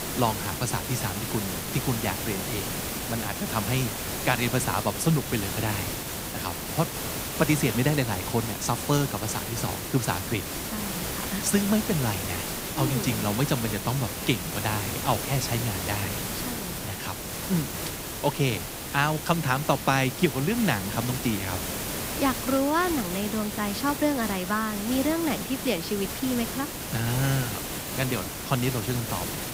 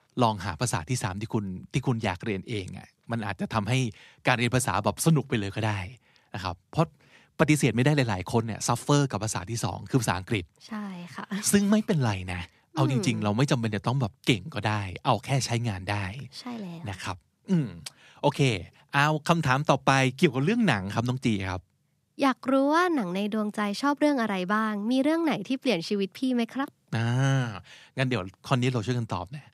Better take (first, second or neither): second